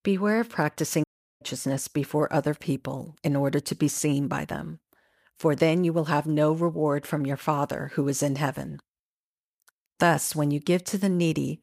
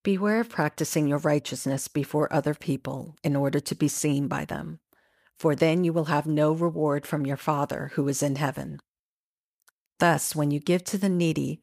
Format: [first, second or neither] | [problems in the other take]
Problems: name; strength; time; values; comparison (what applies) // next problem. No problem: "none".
second | audio cutting out; at 1 s